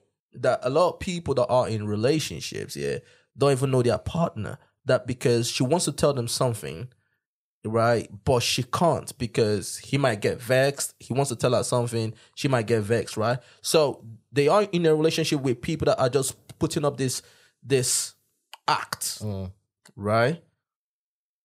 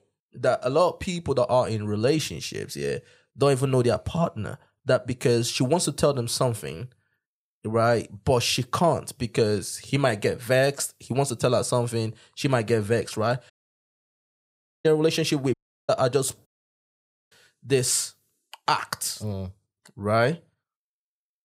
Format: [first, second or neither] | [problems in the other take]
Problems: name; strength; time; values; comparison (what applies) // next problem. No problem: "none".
first | audio cutting out; at 14 s for 1.5 s and at 16 s for 1 s